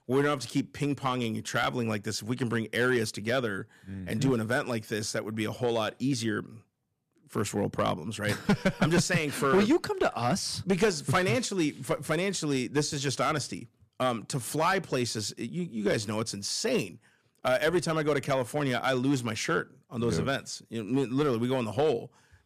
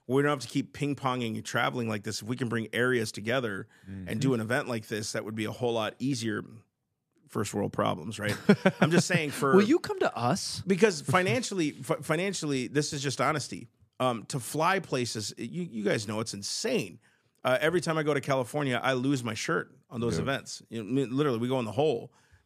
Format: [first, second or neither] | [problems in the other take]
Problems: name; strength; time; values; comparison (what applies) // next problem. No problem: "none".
second | distortion; slight; 3% of the sound clipped